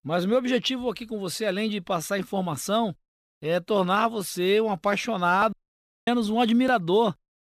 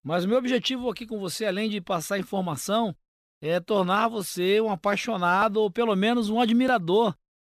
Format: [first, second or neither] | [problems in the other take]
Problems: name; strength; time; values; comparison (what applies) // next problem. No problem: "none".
second | audio cutting out; at 5.5 s for 0.5 s